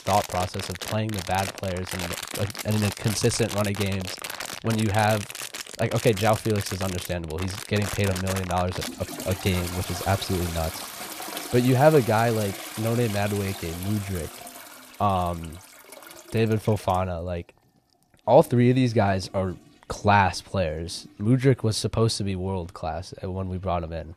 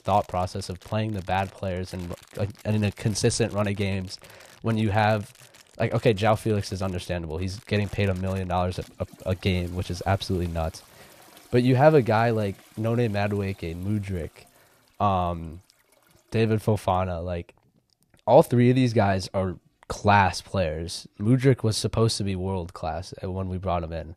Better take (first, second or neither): second